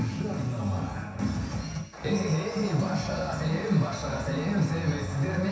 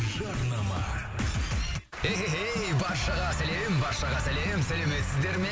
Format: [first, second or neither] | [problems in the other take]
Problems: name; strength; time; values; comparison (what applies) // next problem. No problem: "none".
second | room echo; dies away in 0.7 s